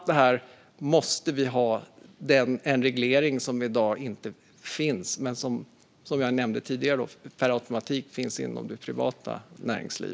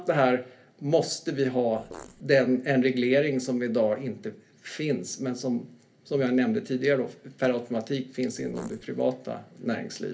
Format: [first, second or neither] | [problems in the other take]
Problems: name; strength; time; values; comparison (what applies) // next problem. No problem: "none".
first | background sound (Fart); 18 dB below the speech // room echo; dies away in 0.3 s